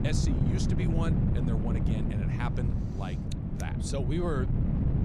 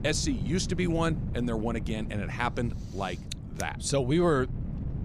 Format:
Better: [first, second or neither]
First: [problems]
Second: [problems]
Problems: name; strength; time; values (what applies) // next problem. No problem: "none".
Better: second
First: wind noise on the microphone; heavy; as loud as the speech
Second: wind noise on the microphone; occasional gusts; 15 dB below the speech